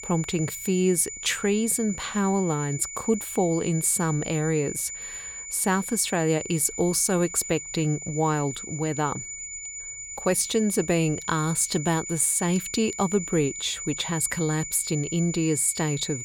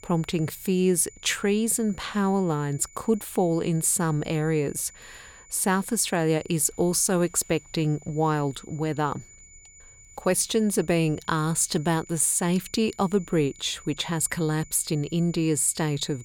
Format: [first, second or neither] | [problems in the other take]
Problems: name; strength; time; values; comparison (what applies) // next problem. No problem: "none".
second | high-pitched whine; loud; throughout; 7 kHz, 9 dB below the speech; faint in the second